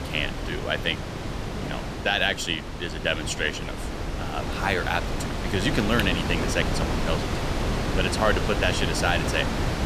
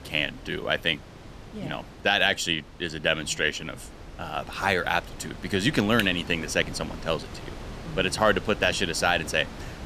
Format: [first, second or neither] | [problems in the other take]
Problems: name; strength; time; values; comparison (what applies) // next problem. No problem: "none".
second | wind noise on the microphone; heavy; 5 dB below the speech; occasional gusts in the second